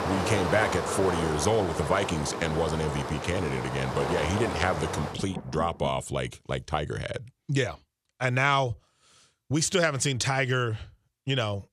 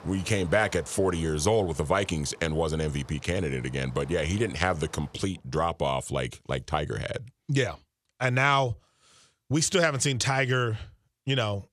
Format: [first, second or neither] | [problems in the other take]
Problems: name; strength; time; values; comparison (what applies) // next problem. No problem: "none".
second | rain or running water; loud; until 5.5 s; 4 dB below the speech; faint in the second